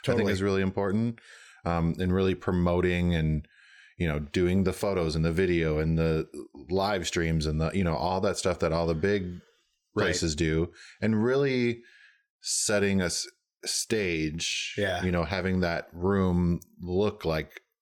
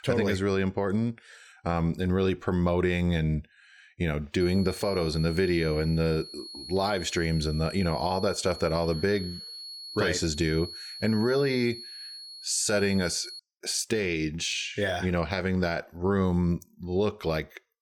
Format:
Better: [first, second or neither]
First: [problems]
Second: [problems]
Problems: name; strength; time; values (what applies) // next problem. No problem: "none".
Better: first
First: none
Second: high-pitched whine; noticeable; from 4.5 to 13 s; 4.5 kHz, 10 dB below the speech